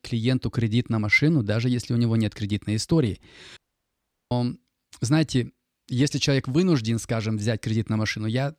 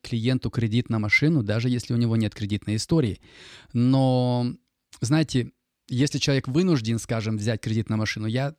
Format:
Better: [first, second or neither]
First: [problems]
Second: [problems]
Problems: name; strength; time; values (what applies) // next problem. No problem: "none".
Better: second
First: audio cutting out; at 3.5 s for 0.5 s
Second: none